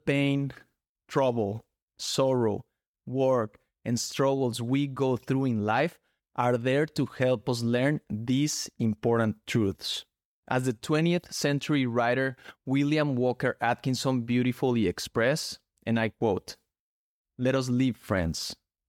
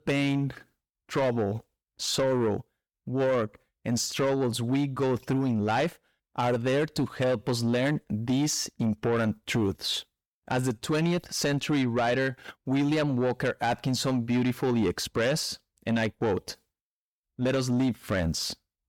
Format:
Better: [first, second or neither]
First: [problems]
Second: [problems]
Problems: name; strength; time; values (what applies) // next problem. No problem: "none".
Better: first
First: none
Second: distortion; slight; 10 dB below the speech